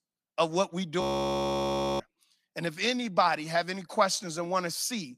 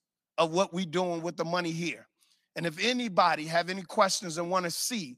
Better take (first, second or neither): second